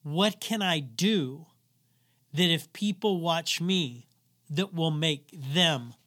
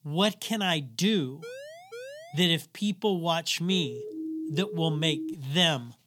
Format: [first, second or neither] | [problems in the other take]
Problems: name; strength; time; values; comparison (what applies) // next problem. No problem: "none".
first | siren; faint; at 1.5 s; peak 15 dB below the speech // siren; noticeable; from 3.5 to 5.5 s; peak 8 dB below the speech